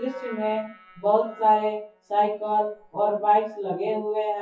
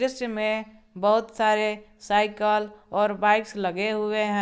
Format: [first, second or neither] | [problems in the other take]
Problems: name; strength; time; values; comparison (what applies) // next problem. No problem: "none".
second | noise reduction (classical method WPE with log-MMSE)